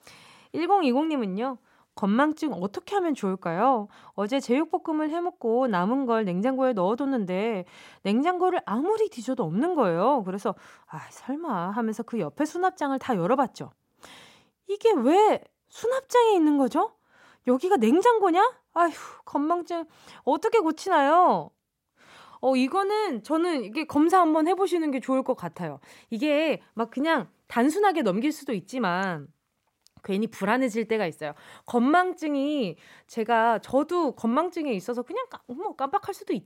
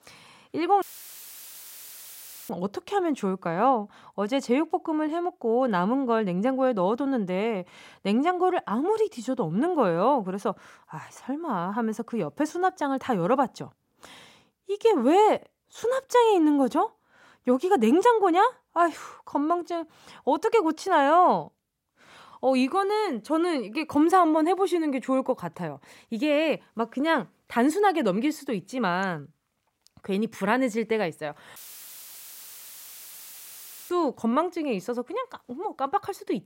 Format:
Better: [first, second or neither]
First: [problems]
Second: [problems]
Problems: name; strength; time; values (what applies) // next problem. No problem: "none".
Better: first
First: none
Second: audio cutting out; filled with static; at 1 s for 1.5 s and at 32 s for 2.5 s